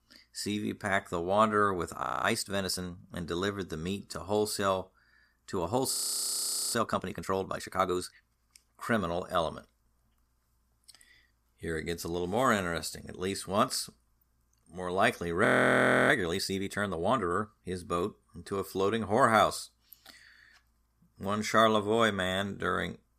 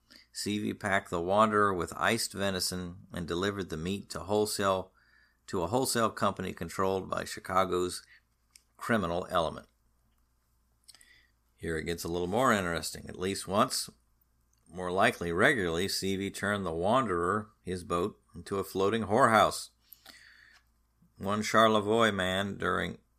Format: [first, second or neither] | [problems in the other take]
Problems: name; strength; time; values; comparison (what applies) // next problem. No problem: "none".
second | audio freezing; at 2 s, at 6 s for 1 s and at 15 s for 0.5 s